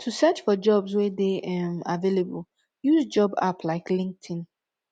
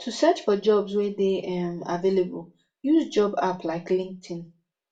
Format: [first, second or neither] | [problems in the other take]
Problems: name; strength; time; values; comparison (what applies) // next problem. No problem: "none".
first | room echo; dies away in 0.2 s